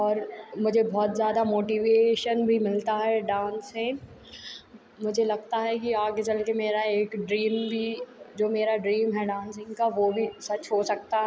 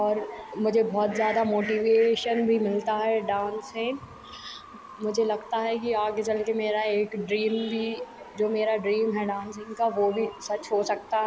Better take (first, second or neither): first